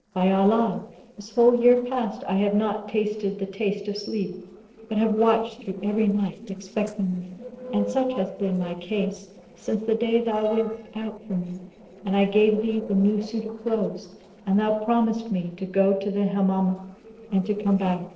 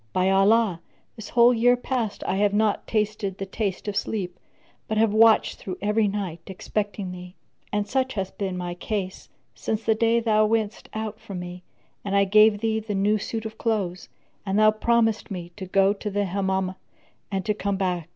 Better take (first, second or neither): second